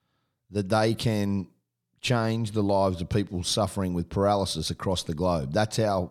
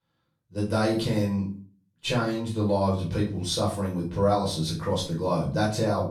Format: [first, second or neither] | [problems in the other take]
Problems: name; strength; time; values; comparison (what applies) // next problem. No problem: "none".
first | off-mic speech; far // room echo; slight; dies away in 0.3 s